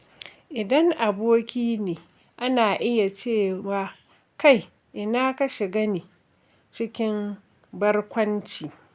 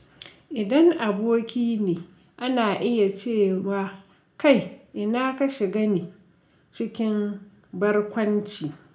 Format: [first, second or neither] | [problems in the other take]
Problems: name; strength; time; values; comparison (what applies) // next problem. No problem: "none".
first | room echo; dies away in 0.3 s